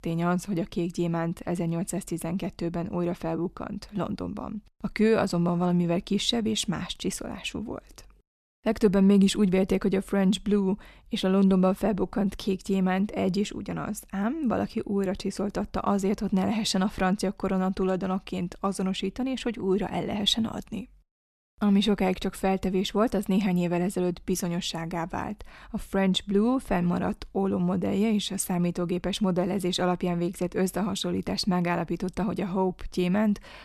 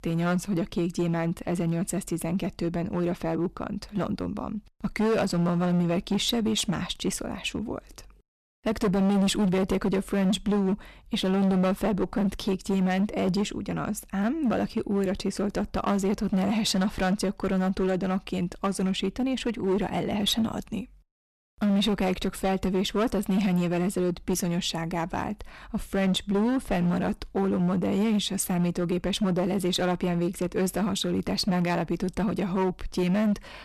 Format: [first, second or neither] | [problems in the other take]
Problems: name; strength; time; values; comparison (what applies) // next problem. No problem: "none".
first | distortion; slight; 11% of the sound clipped